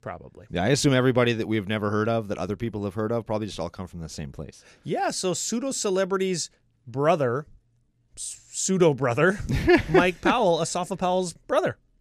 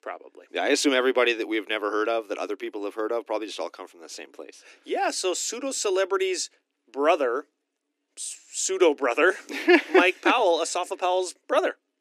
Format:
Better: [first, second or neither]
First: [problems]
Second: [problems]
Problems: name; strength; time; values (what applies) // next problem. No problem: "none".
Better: first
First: none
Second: thin; somewhat; fading below 300 Hz